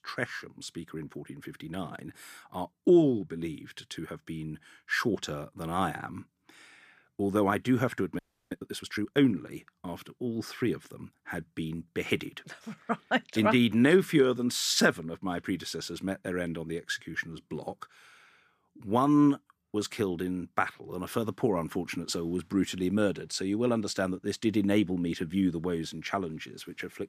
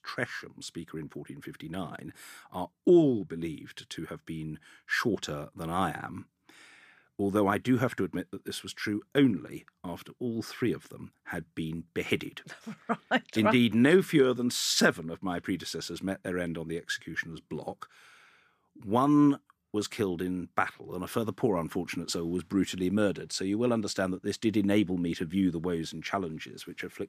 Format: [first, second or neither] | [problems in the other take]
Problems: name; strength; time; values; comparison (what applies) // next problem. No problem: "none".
second | audio freezing; at 8 s